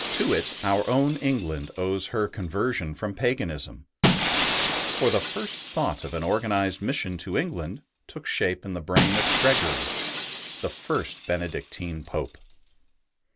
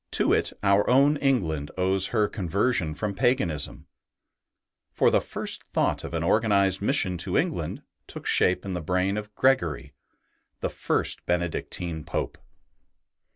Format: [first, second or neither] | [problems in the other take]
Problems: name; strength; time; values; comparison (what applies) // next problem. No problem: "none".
second | background sound (Shatter); 3 dB below the speech